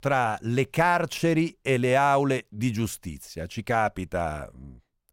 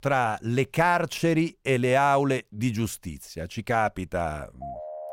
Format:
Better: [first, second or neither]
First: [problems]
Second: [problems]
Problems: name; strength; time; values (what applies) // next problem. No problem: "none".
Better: first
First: none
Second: phone ringing; faint; at 4.5 s; peak 10 dB below the speech